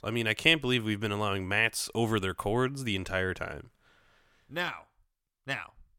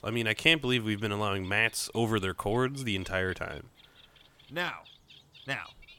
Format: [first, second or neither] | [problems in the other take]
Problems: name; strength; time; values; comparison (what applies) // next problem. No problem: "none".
first | animal sounds; faint; throughout; 25 dB below the speech